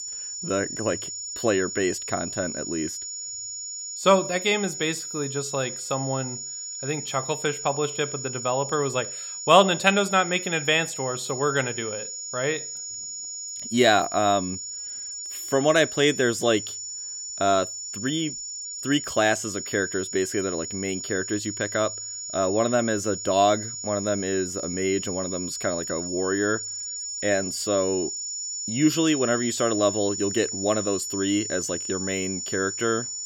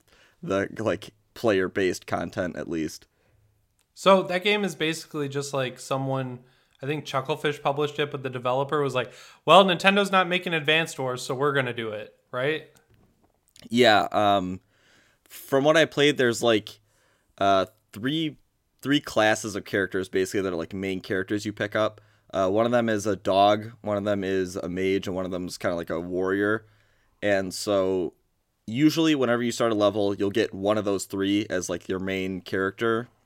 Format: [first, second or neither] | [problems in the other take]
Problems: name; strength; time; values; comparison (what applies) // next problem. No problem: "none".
second | high-pitched whine; loud; throughout; 7 kHz, 6 dB below the speech